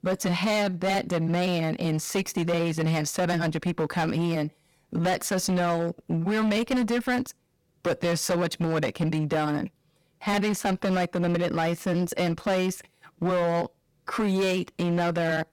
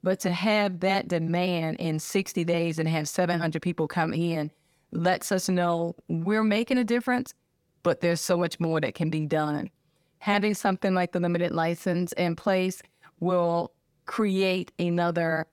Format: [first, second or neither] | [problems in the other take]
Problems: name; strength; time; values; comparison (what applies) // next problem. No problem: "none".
second | distortion; slight; 17% of the sound clipped